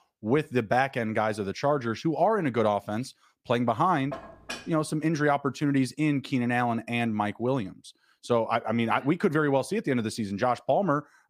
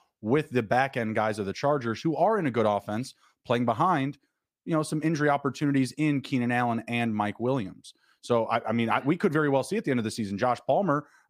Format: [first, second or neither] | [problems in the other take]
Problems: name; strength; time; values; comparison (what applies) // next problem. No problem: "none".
second | clattering dishes; faint; at 4 s; peak 10 dB below the speech